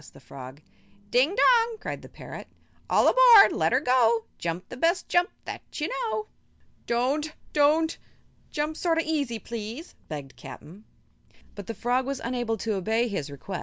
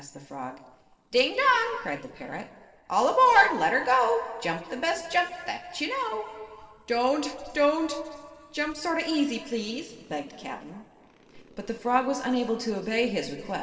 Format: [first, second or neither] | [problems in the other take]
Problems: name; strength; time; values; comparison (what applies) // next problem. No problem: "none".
first | noise reduction (neural separator model SepFormer DNS4)